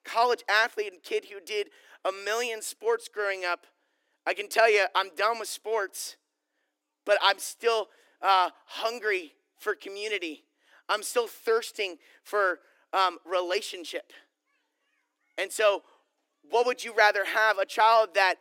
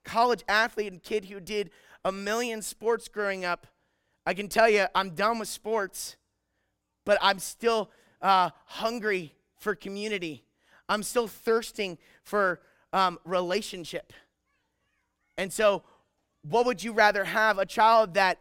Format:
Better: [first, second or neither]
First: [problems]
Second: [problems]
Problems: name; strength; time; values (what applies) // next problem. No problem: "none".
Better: second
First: thin; very; fading below 300 Hz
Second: none